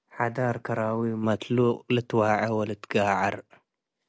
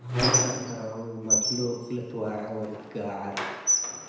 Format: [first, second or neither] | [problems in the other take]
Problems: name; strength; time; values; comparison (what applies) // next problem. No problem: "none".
first | background sound (Squeak); 5 dB above the speech // room echo; dies away in 1 s